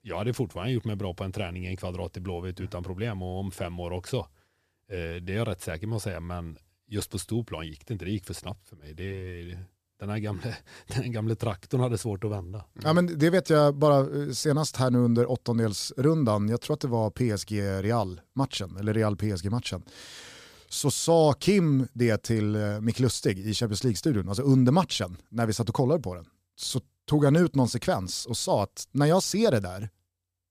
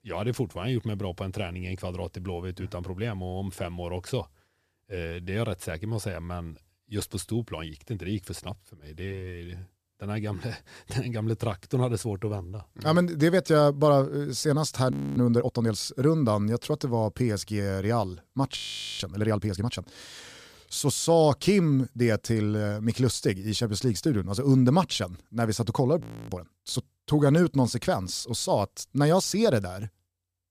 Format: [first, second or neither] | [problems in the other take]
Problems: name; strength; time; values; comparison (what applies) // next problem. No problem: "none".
first | audio freezing; at 15 s, at 19 s and at 26 s